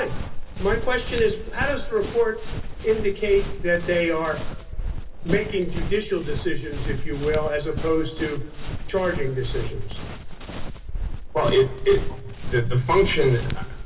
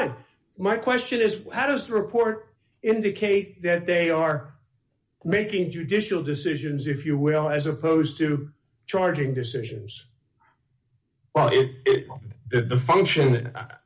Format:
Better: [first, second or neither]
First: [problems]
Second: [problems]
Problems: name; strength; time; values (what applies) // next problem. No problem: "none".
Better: second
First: background sound (Run); 3 dB below the speech // room echo; dies away in 2.9 s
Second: none